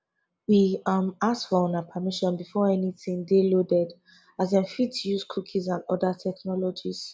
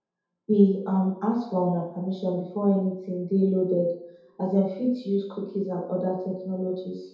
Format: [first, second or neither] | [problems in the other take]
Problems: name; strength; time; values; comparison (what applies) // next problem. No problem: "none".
first | room echo; dies away in 0.8 s